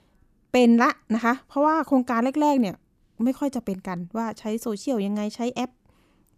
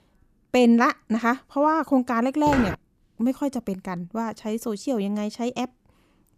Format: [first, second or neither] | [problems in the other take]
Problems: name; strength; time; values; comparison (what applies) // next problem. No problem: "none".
first | footsteps; noticeable; at 2.5 s; peak 5 dB below the speech